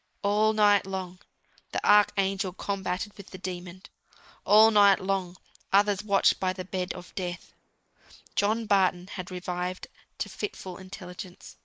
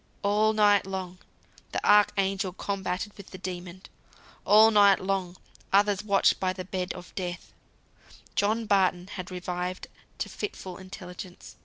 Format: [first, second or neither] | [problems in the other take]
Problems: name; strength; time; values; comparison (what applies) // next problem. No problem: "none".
second | noise reduction (neural mask model Resemble Enhance denoiser)